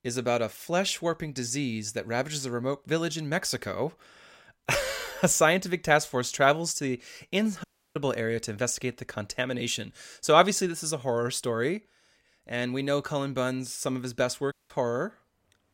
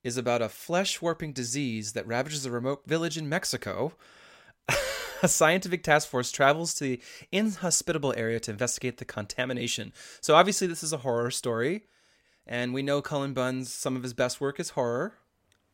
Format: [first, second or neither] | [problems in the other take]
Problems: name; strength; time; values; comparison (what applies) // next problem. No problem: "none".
second | audio cutting out; at 7.5 s and at 15 s